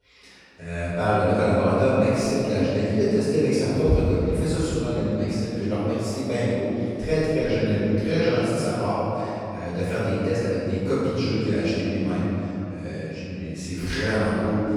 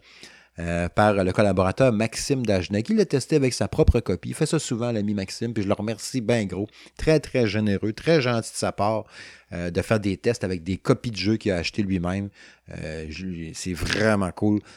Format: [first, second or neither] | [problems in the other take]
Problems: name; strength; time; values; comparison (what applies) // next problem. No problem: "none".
second | room echo; strong; dies away in 2.8 s // off-mic speech; far